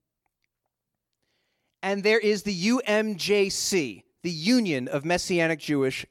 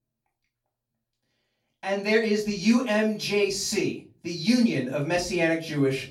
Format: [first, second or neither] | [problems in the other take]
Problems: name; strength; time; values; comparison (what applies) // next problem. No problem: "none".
first | off-mic speech; far // room echo; slight; dies away in 0.3 s